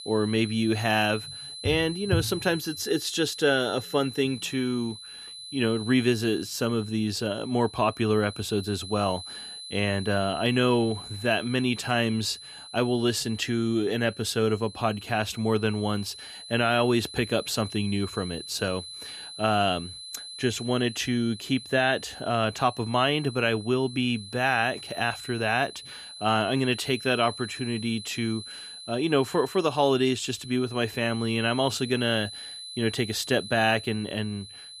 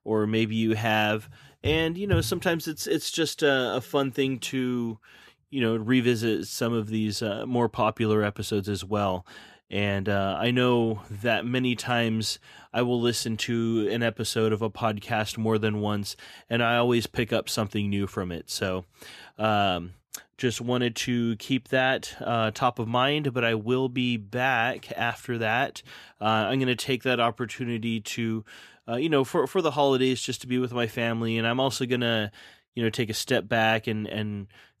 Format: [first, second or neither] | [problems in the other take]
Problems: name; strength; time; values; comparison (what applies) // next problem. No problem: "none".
second | high-pitched whine; noticeable; throughout; 4 kHz, 15 dB below the speech